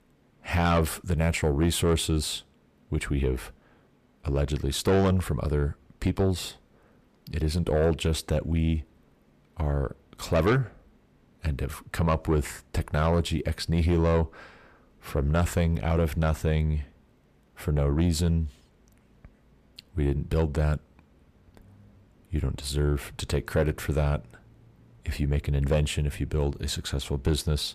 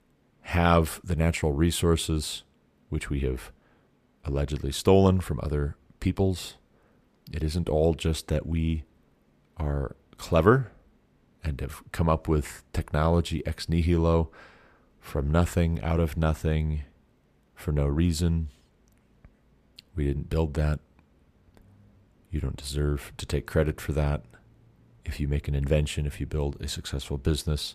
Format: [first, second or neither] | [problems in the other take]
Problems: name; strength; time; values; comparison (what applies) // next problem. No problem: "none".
second | distortion; slight; 10 dB below the speech